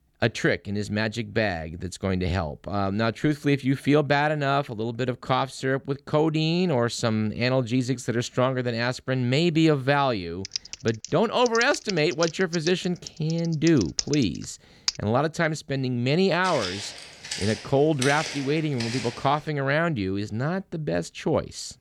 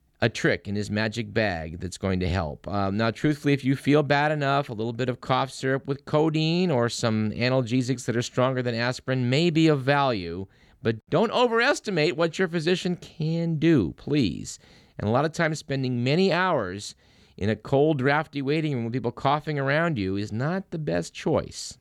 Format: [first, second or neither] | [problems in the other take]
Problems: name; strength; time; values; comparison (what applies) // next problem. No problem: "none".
second | keyboard typing; noticeable; from 10 to 15 s; peak 4 dB below the speech // footsteps; noticeable; from 16 to 19 s; peak 4 dB below the speech